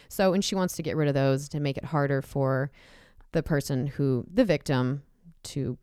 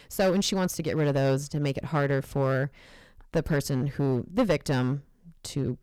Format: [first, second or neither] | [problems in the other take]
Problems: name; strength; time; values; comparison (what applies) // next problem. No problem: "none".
first | distortion; slight; 5% of the sound clipped